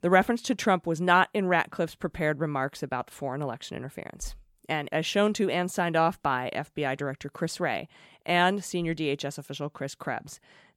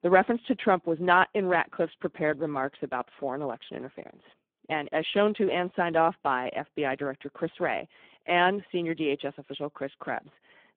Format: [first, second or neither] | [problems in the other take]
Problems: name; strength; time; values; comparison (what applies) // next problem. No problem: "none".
first | phone-call audio; poor line